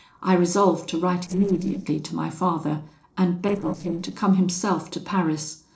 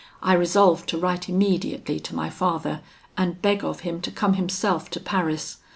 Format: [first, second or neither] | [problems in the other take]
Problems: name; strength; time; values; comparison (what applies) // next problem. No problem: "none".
second | noise reduction (neural separator model SepFormer DNS4)